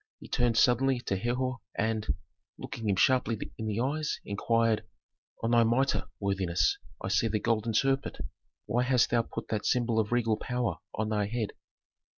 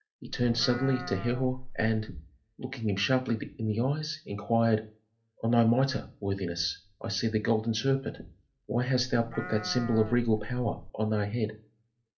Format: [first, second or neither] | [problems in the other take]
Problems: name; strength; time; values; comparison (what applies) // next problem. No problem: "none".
first | background sound (Livestock, farm animals, working animals); 10 dB below the speech // room echo; dies away in 0.3 s